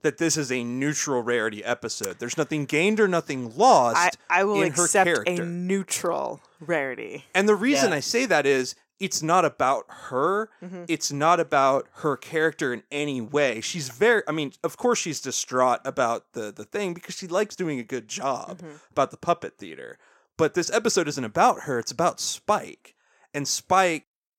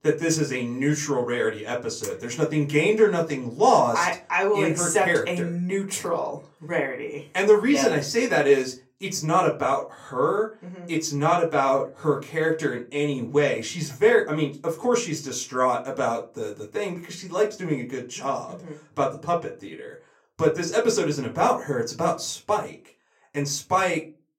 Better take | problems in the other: first | off-mic speech; far // room echo; very slight; dies away in 0.2 s

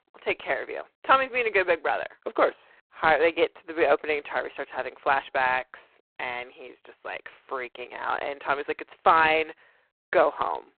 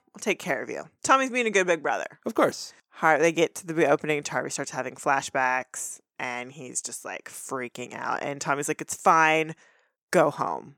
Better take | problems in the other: second | phone-call audio; poor line; nothing above 4 kHz

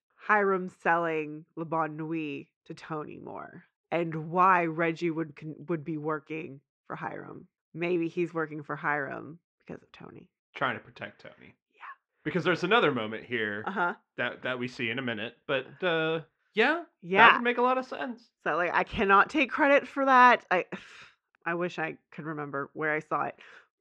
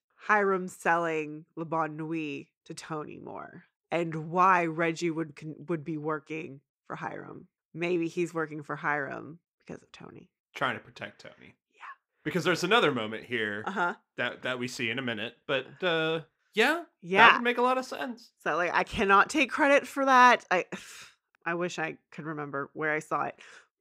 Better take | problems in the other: second | muffled; slightly; fading above 3.5 kHz

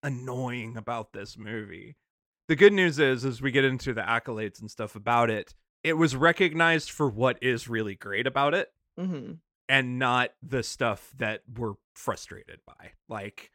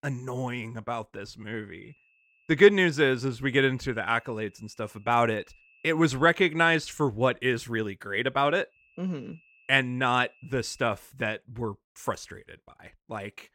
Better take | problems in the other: first | high-pitched whine; faint; from 2 to 6 s and from 8.5 to 11 s; 2.5 kHz, 35 dB below the speech

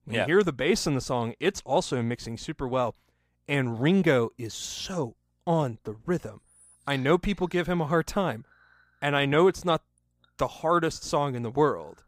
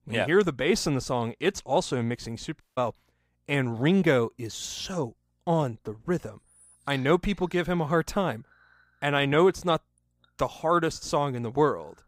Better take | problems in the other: first | audio cutting out; at 2.5 s

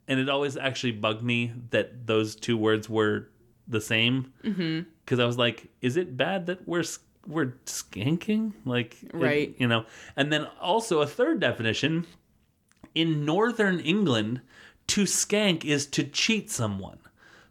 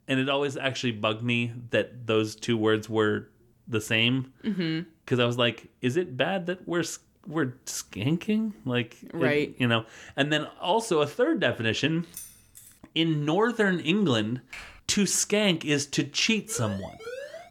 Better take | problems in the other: first | jangling keys; faint; at 12 s; peak 15 dB below the speech // keyboard typing; faint; at 15 s; peak 15 dB below the speech // siren; faint; from 16 s on; peak 10 dB below the speech

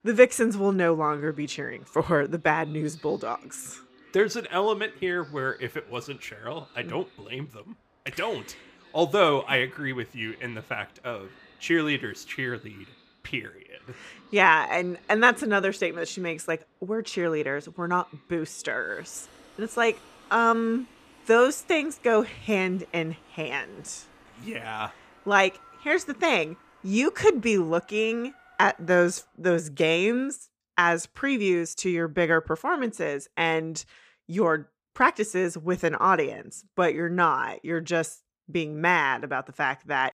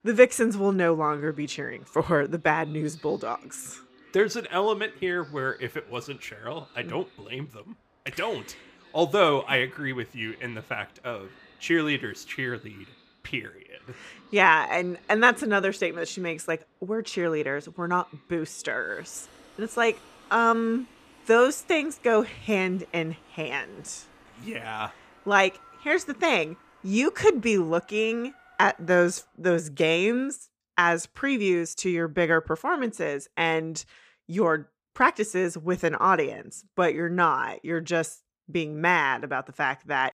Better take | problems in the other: neither | train or aircraft noise; faint; until 29 s; 30 dB below the speech; the same in both

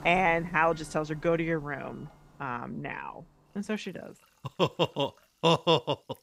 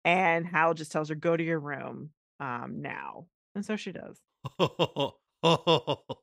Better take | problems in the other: second | household noises; faint; throughout; 25 dB below the speech

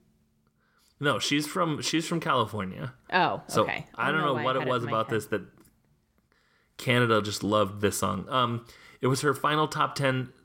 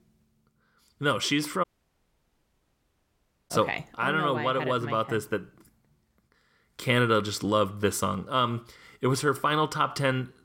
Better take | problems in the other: first | audio cutting out; at 1.5 s for 2 s

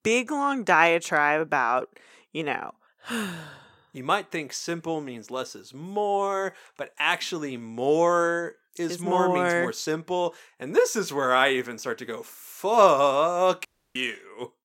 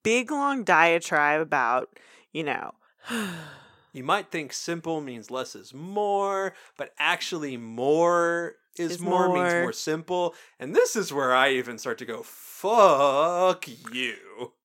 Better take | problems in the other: second | audio cutting out; at 14 s

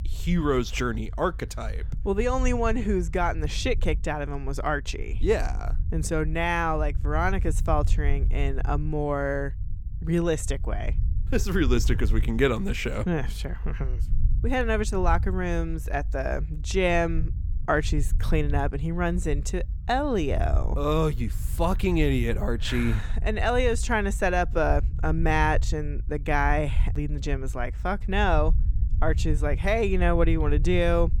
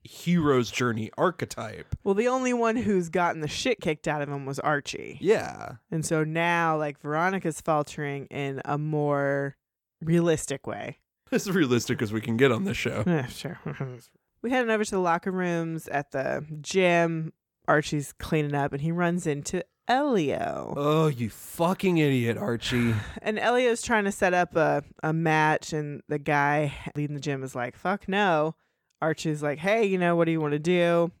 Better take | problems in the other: second | low rumble; faint; throughout; 20 dB below the speech

